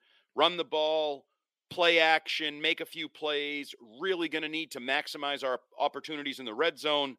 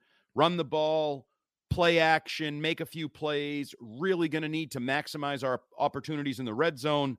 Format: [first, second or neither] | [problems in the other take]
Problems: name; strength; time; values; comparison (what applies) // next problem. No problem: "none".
second | thin; somewhat; fading below 400 Hz